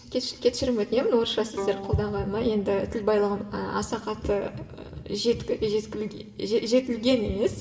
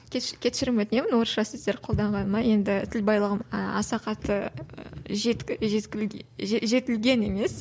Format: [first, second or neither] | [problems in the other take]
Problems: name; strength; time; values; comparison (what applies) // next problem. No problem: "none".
second | background sound (Bowed string instrument); 18 dB below the speech // room echo; dies away in 1.5 s